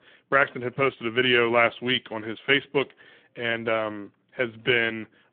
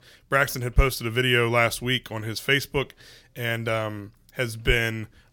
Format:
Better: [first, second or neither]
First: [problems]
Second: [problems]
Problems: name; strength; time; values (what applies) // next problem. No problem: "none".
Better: second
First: phone-call audio; nothing above 3 kHz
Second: none